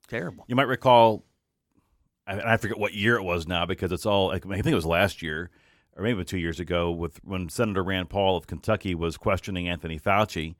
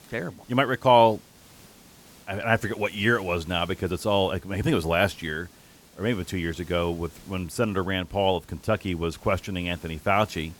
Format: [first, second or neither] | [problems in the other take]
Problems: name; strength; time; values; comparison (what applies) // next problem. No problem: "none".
first | hiss; faint; throughout; 25 dB below the speech